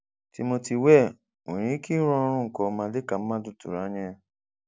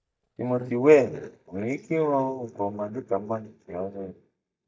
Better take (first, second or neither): first